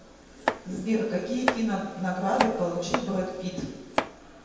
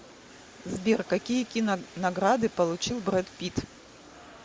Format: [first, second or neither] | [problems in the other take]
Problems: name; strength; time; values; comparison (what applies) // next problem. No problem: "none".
second | background sound (Domestic sounds, home sounds); 4 dB below the speech // room echo; dies away in 1.1 s